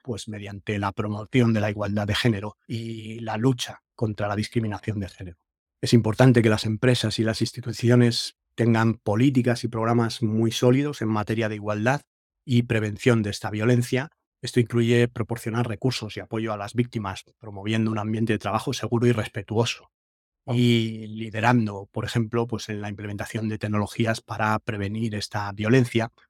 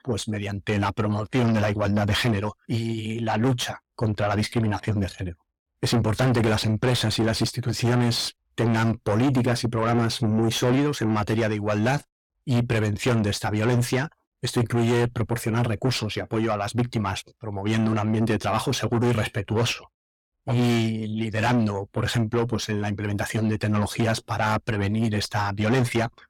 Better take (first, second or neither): first